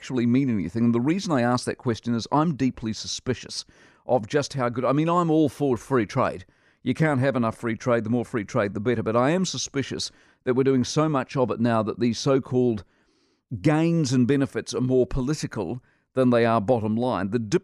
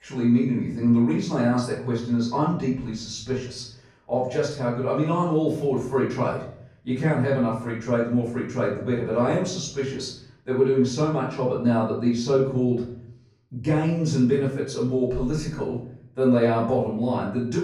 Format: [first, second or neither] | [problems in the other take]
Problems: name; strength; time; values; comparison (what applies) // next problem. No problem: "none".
first | off-mic speech; far // room echo; noticeable; dies away in 0.5 s